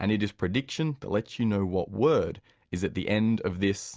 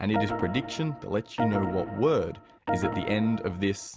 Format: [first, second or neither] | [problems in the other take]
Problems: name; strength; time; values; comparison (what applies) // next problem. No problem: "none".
first | background sound (Organ); 5 dB below the speech